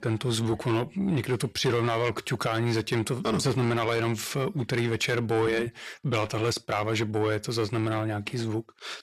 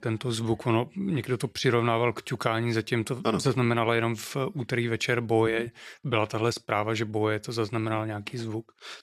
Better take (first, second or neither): second